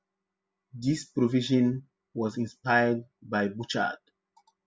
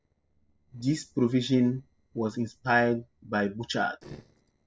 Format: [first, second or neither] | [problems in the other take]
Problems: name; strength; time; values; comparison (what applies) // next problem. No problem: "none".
first | noise reduction (neural separator model SepFormer DNS4)